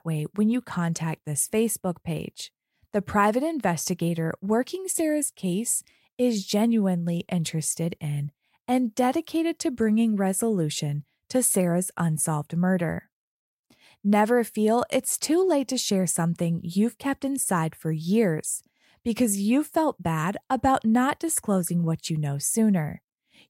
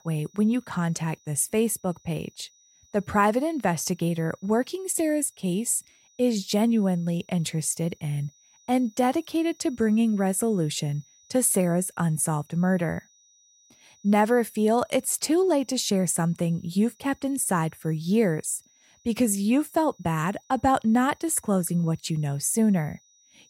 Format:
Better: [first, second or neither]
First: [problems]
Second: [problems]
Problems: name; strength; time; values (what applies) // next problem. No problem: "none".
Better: first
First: none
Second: high-pitched whine; faint; throughout; 6 kHz, 30 dB below the speech